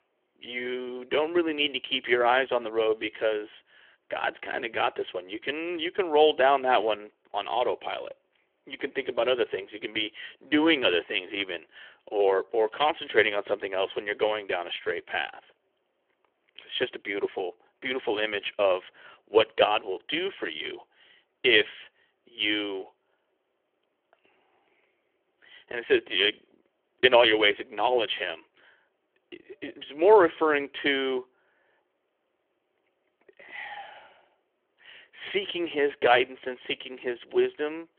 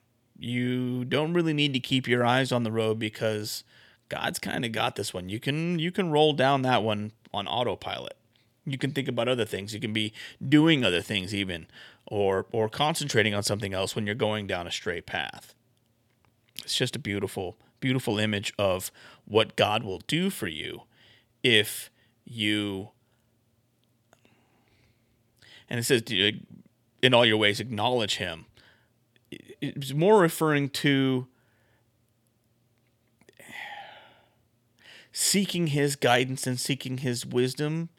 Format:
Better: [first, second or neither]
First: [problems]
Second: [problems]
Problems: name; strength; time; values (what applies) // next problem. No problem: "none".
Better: second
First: phone-call audio; nothing above 3.5 kHz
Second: none